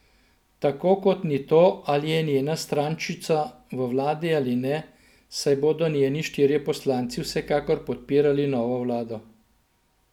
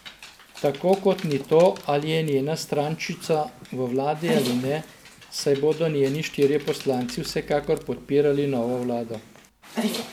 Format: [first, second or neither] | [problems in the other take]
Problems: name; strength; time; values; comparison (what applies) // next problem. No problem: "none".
first | background sound (Dog); 13 dB below the speech